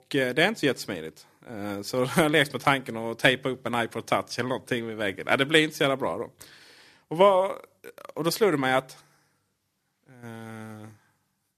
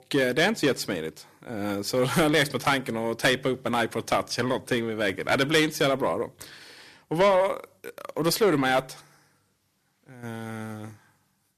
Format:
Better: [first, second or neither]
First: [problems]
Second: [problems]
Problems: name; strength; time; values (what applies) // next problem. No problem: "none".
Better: first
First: none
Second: distortion; heavy; 8 dB below the speech